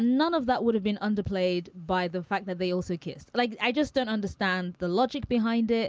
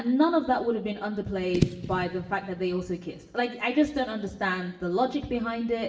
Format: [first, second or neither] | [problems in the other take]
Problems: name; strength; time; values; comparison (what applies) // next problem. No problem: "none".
first | background sound (Fireworks / Boom); 8 dB below the speech // room echo; dies away in 0.8 s